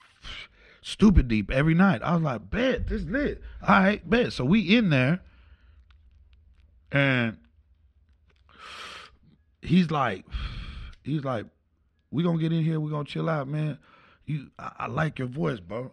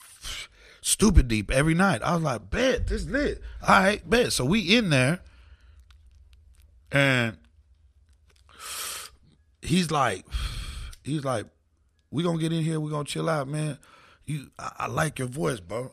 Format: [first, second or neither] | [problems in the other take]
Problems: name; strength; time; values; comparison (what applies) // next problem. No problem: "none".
second | muffled; slightly; fading above 3 kHz